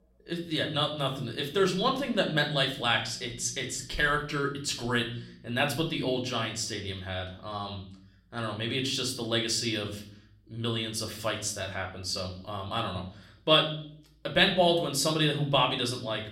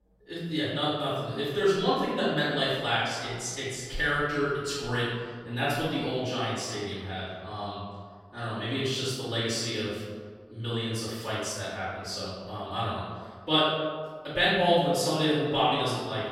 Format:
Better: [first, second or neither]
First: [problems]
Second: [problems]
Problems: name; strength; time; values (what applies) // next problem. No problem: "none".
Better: first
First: room echo; slight; dies away in 0.6 s // off-mic speech; somewhat distant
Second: room echo; strong; dies away in 1.5 s // off-mic speech; far